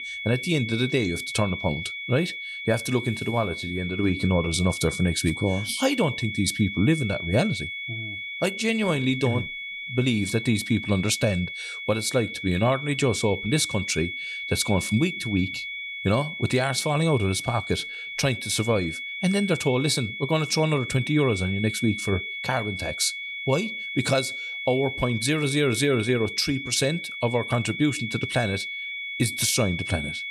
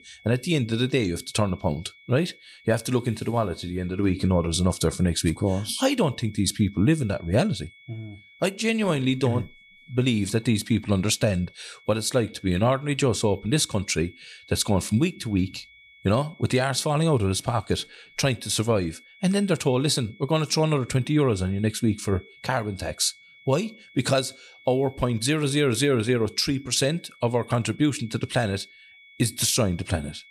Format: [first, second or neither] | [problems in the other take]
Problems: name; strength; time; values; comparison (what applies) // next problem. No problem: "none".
second | high-pitched whine; loud; throughout; 2 kHz, 6 dB below the speech; faint in the second